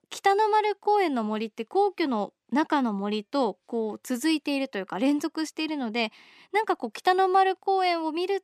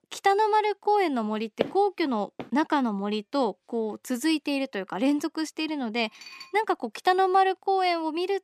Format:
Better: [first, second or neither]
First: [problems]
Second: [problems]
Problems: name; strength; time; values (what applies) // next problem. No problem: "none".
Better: first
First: none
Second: footsteps; noticeable; at 1.5 s; peak 7 dB below the speech // clattering dishes; faint; at 6 s; peak 15 dB below the speech